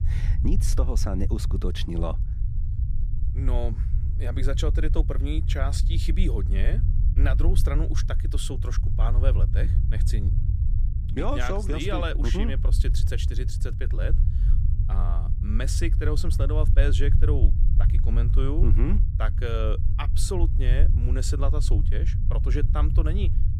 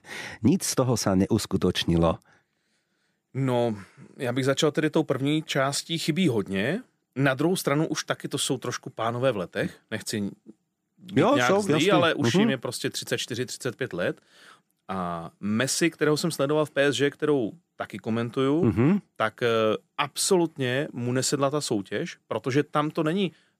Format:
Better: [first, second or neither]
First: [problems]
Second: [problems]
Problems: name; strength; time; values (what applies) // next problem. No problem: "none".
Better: second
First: low rumble; loud; throughout; 8 dB below the speech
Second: none